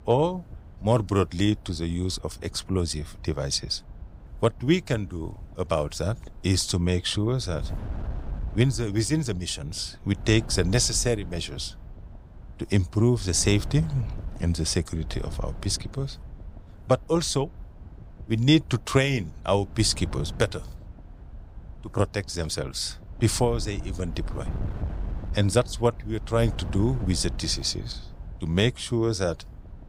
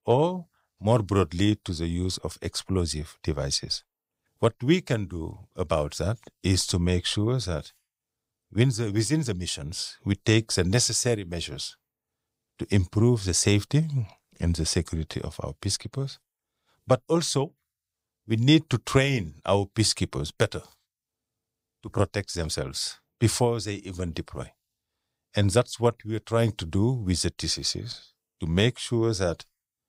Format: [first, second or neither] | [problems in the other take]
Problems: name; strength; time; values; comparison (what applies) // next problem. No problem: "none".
second | wind noise on the microphone; occasional gusts; 20 dB below the speech